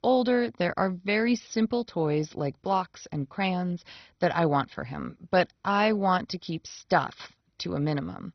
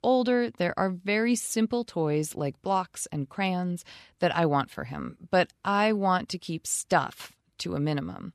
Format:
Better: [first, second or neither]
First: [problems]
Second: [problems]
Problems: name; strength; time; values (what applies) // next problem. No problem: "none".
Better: second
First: garbled, watery; badly; nothing above 6 kHz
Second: none